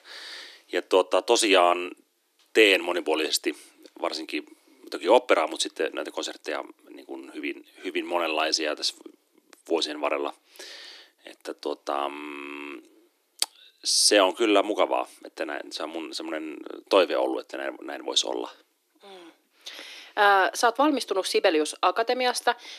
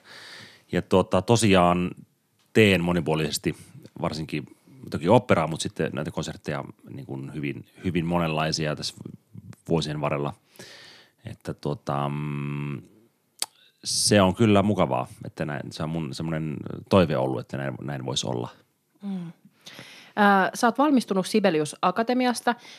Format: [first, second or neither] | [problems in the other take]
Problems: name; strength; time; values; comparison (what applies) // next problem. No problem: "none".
second | thin; somewhat; fading below 300 Hz